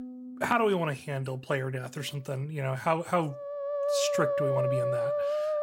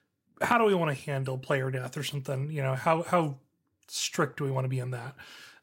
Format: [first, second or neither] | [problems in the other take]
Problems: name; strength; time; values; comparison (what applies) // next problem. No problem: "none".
second | background music; very loud; throughout; 1 dB above the speech